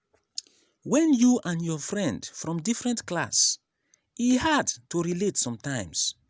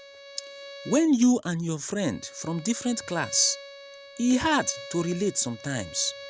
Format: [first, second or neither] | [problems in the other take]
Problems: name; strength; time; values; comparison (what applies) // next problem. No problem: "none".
first | background sound (Bowed string instrument); 17 dB below the speech